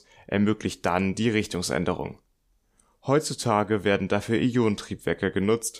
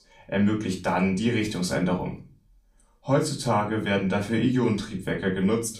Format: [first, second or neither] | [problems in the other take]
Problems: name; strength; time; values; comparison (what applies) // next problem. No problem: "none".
first | off-mic speech; far // room echo; very slight; dies away in 0.3 s